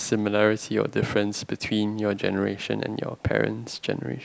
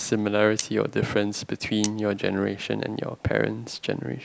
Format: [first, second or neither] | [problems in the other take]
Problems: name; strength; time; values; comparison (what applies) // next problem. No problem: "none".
first | background sound (Cutlery, silverware); 15 dB below the speech